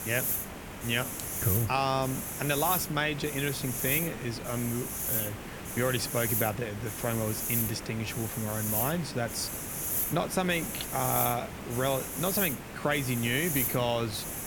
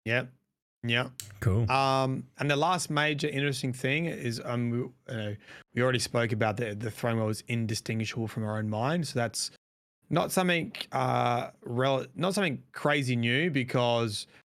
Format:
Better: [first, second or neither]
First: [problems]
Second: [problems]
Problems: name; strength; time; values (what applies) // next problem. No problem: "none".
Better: second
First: hiss; loud; throughout; 1 dB below the speech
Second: none